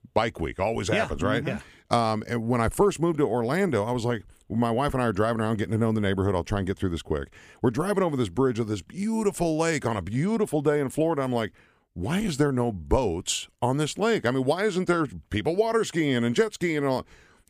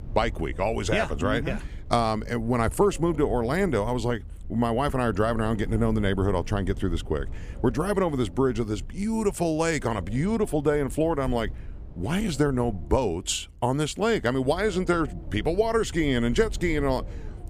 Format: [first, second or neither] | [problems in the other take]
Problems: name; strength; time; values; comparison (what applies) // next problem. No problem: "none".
first | low rumble; faint; throughout; 25 dB below the speech